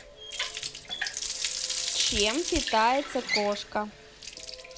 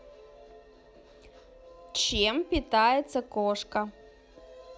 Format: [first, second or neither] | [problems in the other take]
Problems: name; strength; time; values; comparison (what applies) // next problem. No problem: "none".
second | background sound (Water tap, faucet); 3 dB below the speech